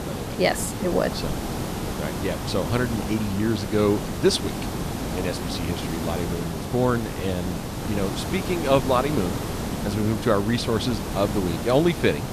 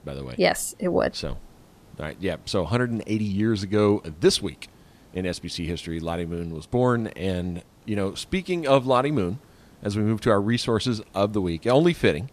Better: second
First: hiss; loud; throughout; 5 dB below the speech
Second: hiss; faint; throughout; 30 dB below the speech

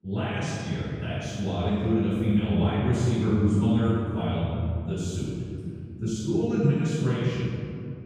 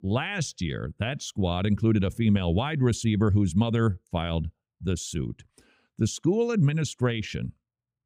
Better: second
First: off-mic speech; far // room echo; strong; dies away in 2.5 s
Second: none

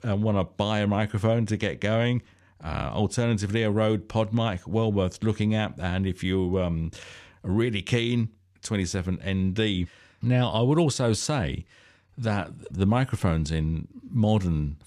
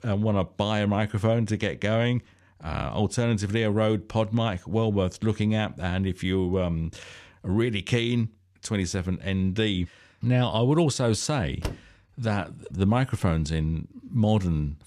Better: first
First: none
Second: door banging; faint; at 12 s; peak 10 dB below the speech

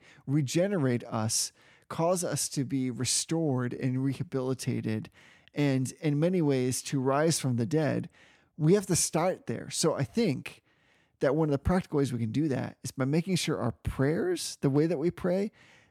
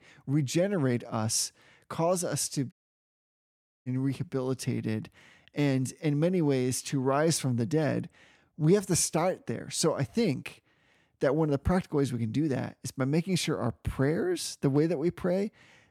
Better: first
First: none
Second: audio cutting out; at 2.5 s for 1 s

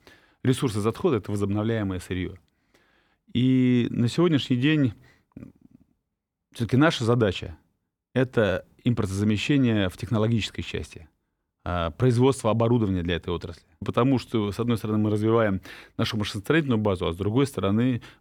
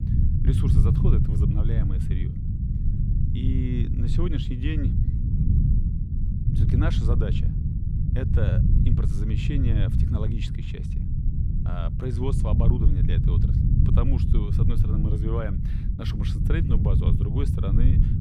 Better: first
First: none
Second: low rumble; loud; throughout; as loud as the speech

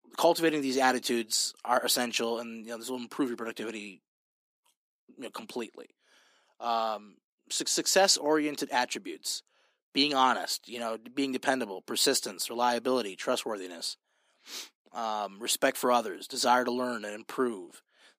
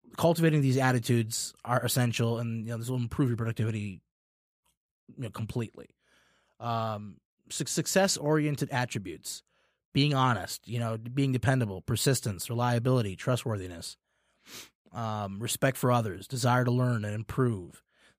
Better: second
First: thin; somewhat; fading below 250 Hz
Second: none

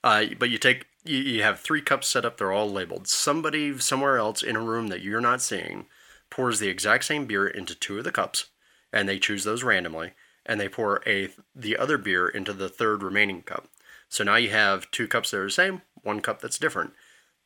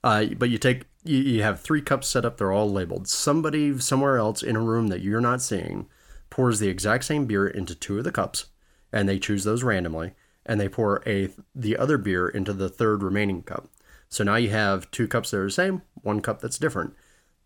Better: second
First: thin; somewhat; fading below 1 kHz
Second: none

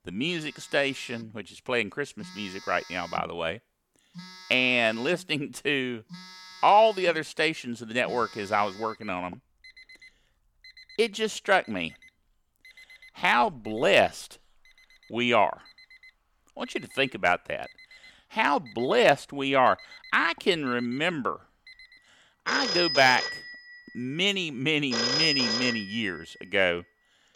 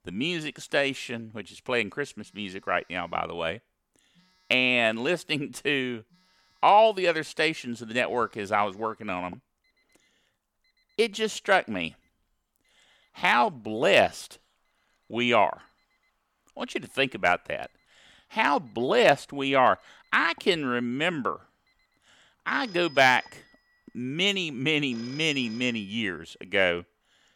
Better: second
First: alarms or sirens; loud; throughout; 6 dB below the speech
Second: alarms or sirens; faint; throughout; 25 dB below the speech

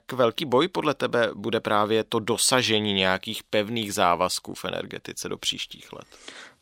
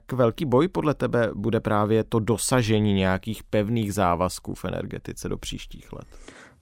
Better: second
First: thin; very slightly; fading below 500 Hz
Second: none

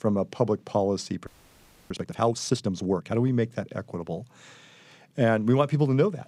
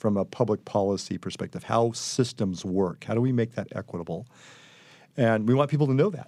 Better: second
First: audio freezing; at 1.5 s for 0.5 s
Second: none

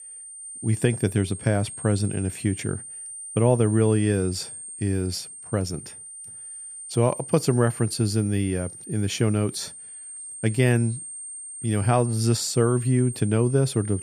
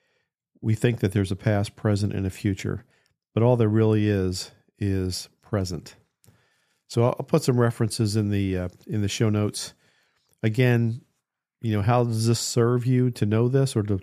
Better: second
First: high-pitched whine; noticeable; throughout; 8.5 kHz, 10 dB below the speech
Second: none

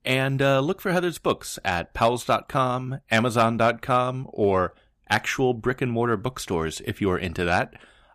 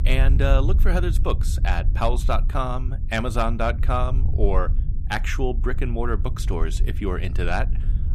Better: first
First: none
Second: low rumble; noticeable; throughout; 15 dB below the speech

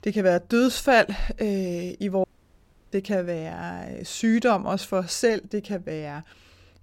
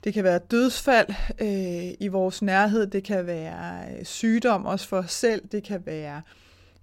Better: second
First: audio cutting out; at 2 s for 0.5 s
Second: none

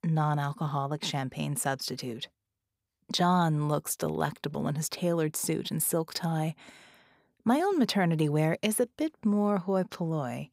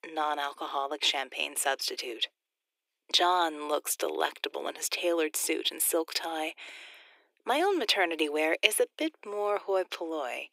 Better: first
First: none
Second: thin; very; fading below 350 Hz

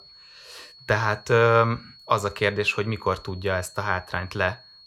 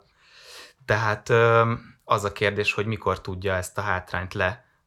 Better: second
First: high-pitched whine; faint; throughout; 4.5 kHz, 25 dB below the speech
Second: none

